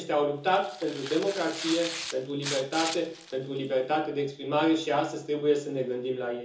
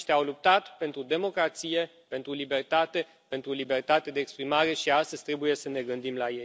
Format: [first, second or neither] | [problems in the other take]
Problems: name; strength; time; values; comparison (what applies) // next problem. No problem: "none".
second | background sound (Tearing); 10 dB below the speech // room echo; dies away in 0.7 s